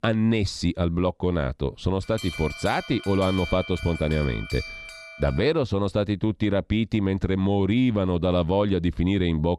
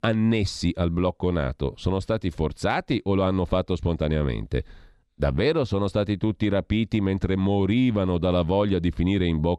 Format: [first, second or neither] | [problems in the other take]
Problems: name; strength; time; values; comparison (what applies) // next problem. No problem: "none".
second | alarm; noticeable; from 2 to 5.5 s; peak 8 dB below the speech